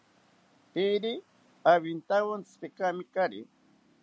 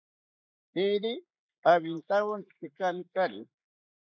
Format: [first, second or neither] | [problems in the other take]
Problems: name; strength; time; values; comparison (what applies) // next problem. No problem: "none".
first | noise reduction (neural mask model Resemble Enhance denoiser)